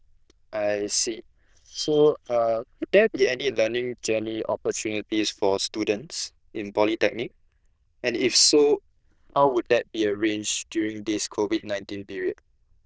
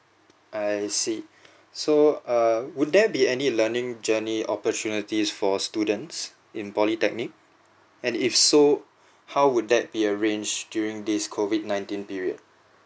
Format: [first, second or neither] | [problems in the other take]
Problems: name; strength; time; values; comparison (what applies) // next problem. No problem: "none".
second | noise reduction (neural diffusion model UNIVERSE++)